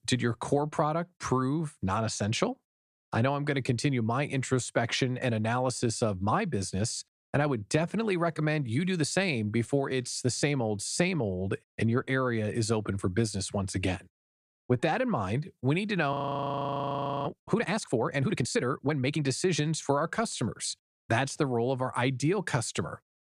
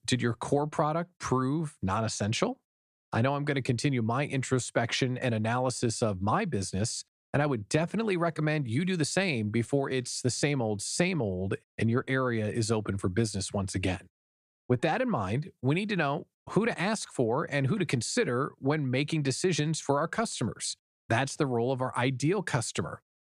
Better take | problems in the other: second | audio freezing; at 16 s for 1 s

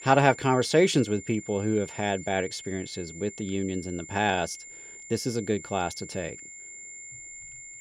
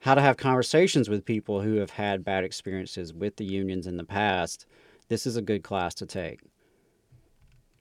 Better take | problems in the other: second | high-pitched whine; noticeable; throughout; 7 kHz, 15 dB below the speech

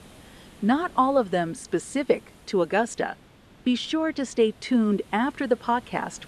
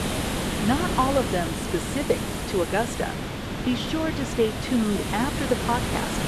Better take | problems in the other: first | hiss; loud; throughout; 2 dB below the speech; faint in the first

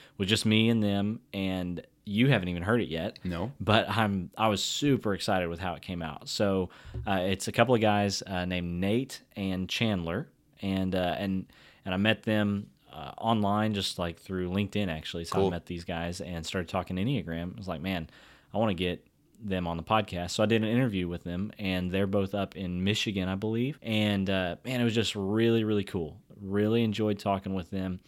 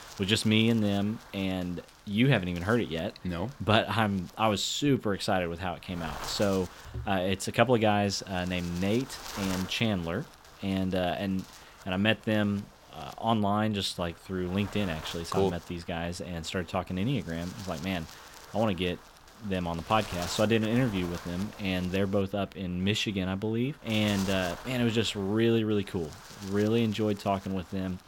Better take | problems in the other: first | wind noise on the microphone; occasional gusts; 15 dB below the speech

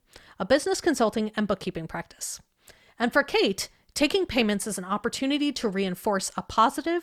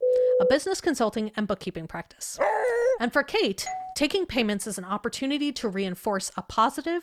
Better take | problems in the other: first | phone ringing; loud; at the start; peak 6 dB above the speech // dog barking; loud; at 2.5 s; peak 4 dB above the speech // doorbell; noticeable; at 3.5 s; peak 8 dB below the speech

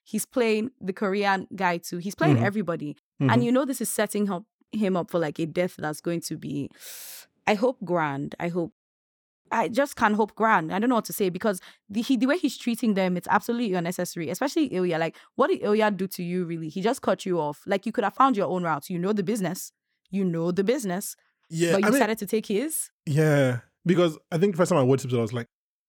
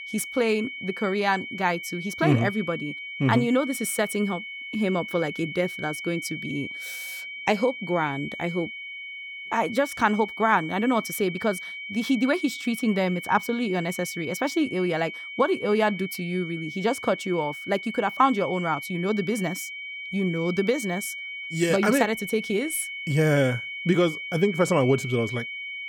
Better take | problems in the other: first | high-pitched whine; loud; throughout; 2 kHz, 8 dB below the speech

